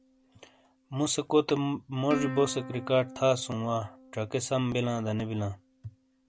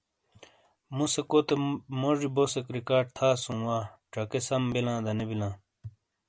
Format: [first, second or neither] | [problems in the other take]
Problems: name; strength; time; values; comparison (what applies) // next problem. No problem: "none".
second | background sound (Plucked string instrument); 14 dB below the speech